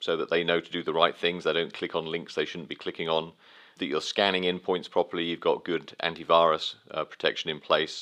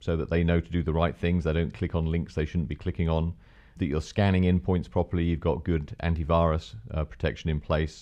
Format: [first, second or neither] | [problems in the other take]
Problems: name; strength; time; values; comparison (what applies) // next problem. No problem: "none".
second | thin; very; fading below 300 Hz